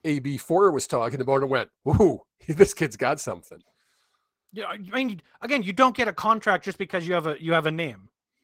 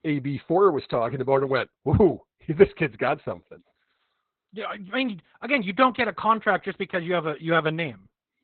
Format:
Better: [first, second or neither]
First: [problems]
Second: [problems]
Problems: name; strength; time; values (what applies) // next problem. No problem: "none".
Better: first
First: garbled, watery; slightly; nothing above 16 kHz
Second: garbled, watery; badly; nothing above 4 kHz